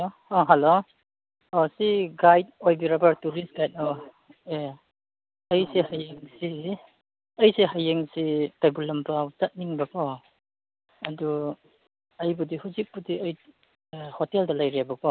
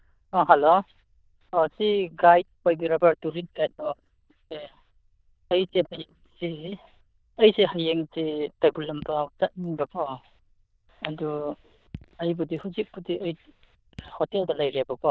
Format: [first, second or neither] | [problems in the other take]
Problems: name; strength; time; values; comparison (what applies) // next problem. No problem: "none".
first | noise reduction (neural diffusion model UNIVERSE++)